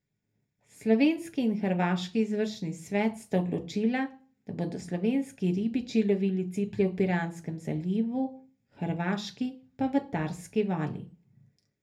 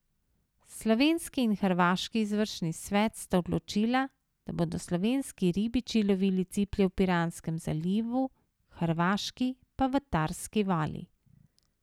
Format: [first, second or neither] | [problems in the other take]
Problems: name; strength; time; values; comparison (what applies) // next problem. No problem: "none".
second | room echo; dies away in 0.3 s